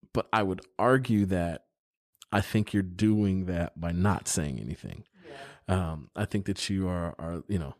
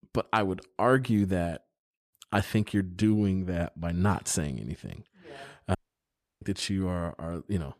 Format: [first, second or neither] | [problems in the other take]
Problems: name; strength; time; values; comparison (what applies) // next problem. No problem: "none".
first | audio cutting out; at 6 s for 0.5 s